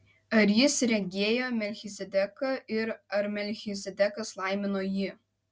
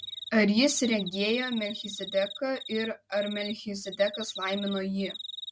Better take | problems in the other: first | background sound (Cricket); 12 dB below the speech

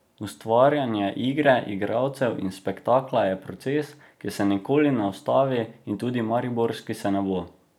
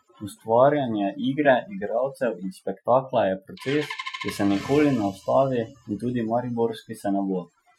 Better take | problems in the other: first | noise reduction (classical method Wiener filter)

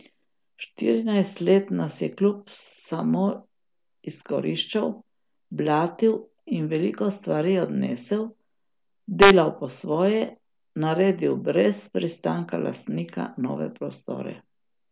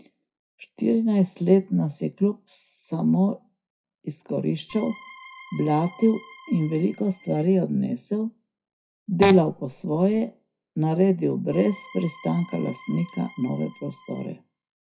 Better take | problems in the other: first | noise reduction (classical method WPE with log-MMSE)

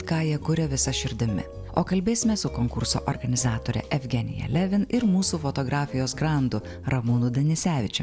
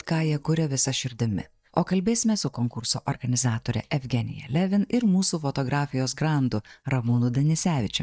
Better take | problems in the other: first | noise reduction (neural mask model DeepFilterNet 3)

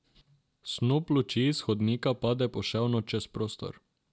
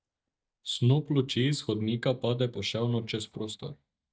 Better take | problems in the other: first | noise reduction (neural mask model DeepFilterNet 3)

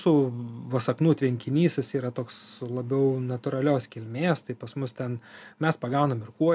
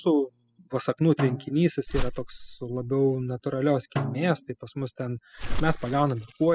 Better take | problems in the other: first | noise reduction (classical method spectral subtraction)

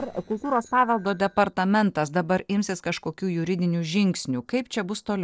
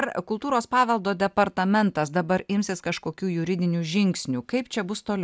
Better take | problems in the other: second | noise reduction (neural separator model SepFormer DNS4)

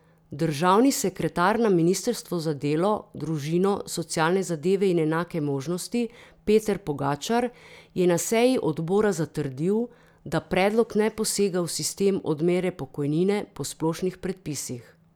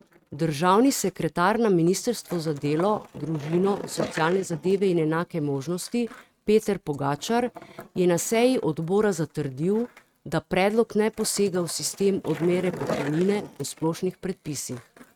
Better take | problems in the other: first | noise reduction (neural mask model RNNoise)

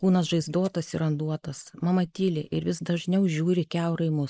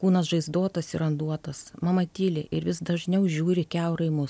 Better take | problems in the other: second | noise reduction (neural mask model Resemble Enhance denoiser)

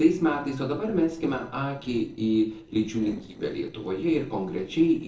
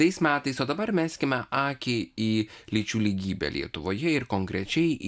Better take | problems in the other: second | noise reduction (neural separator model SepFormer DNS4)

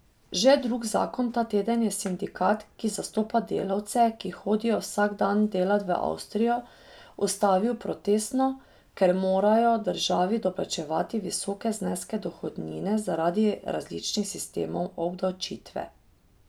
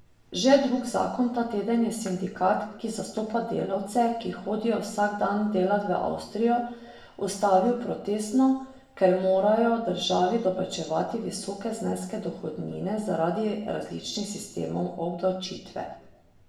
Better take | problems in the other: first | room echo; dies away in 0.8 s

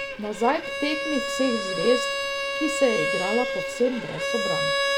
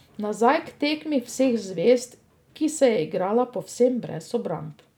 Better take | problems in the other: second | background sound (Bowed string instrument); 1 dB below the speech

